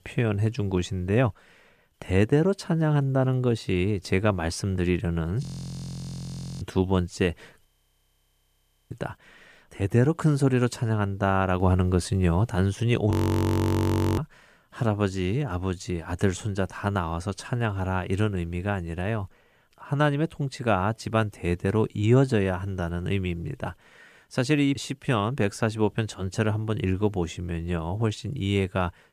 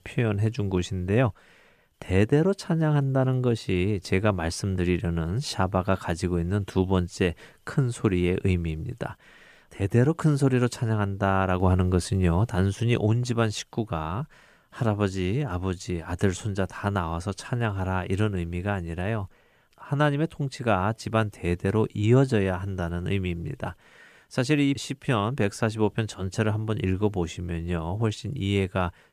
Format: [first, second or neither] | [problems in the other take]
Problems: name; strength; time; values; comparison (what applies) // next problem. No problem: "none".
second | audio freezing; at 5.5 s for 1 s, at 7.5 s for 1.5 s and at 13 s for 1 s